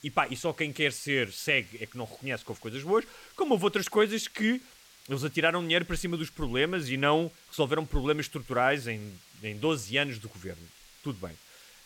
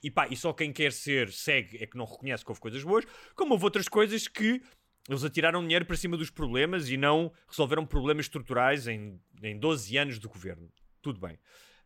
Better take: second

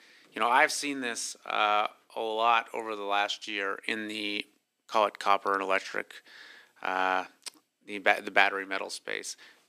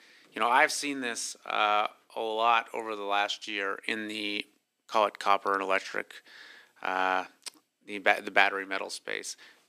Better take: neither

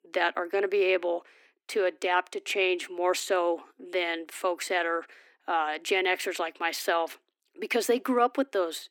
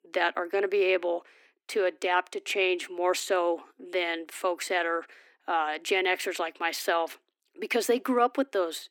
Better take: neither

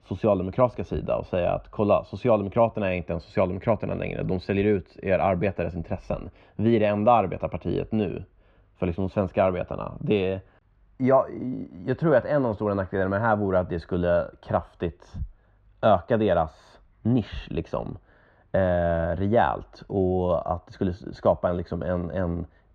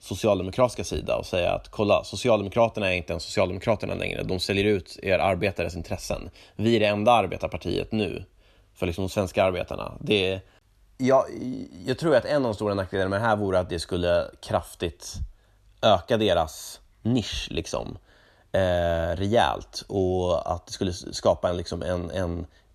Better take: second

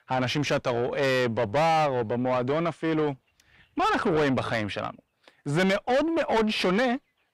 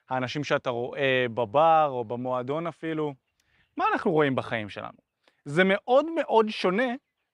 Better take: second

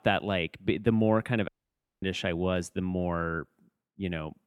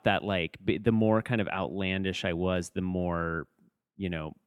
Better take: second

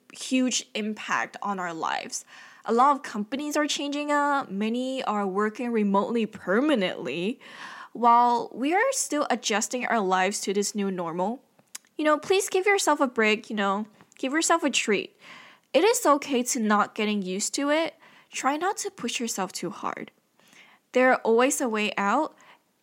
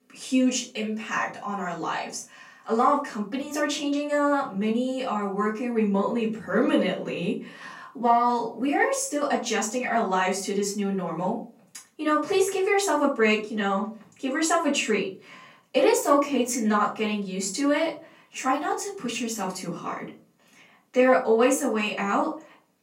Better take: first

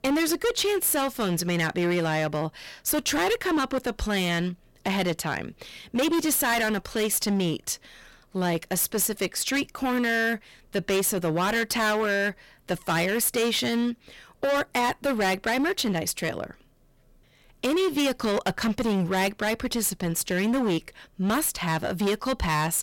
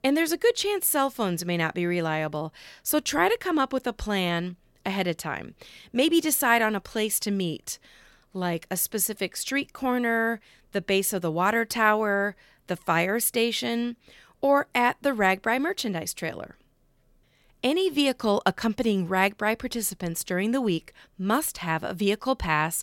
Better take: second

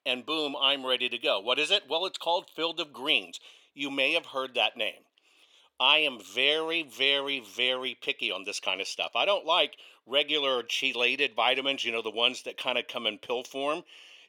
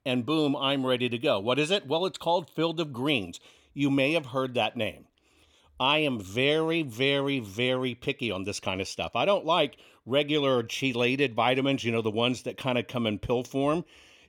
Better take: second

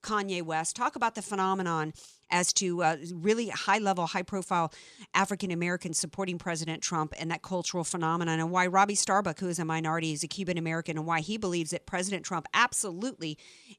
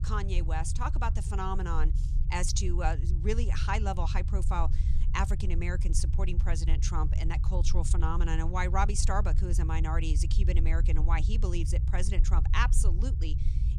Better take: first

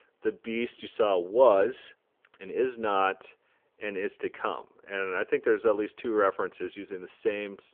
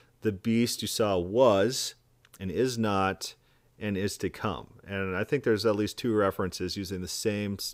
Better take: second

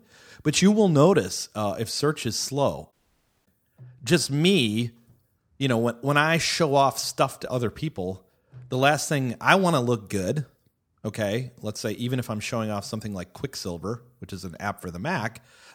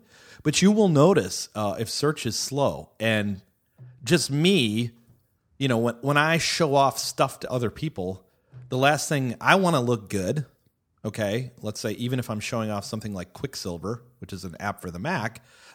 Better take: second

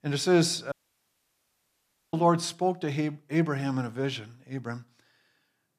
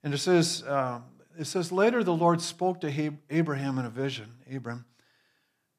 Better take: second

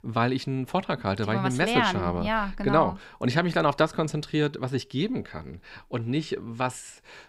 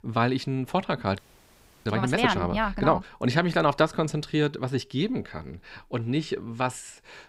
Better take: first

